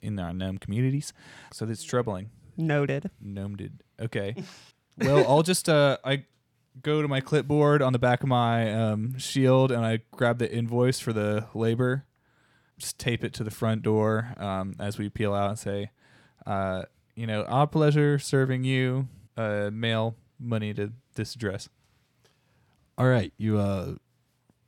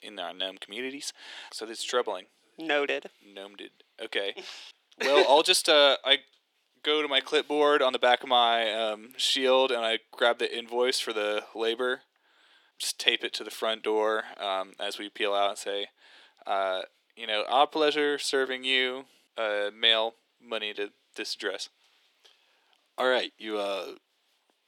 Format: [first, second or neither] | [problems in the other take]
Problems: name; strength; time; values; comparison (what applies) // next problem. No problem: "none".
first | thin; very; fading below 300 Hz